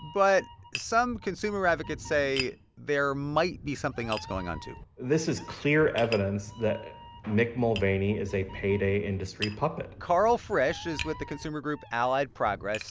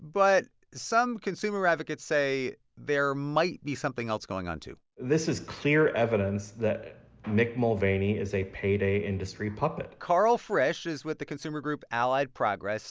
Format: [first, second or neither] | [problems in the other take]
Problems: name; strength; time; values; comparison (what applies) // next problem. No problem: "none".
second | background sound (Tap + Meow); 14 dB below the speech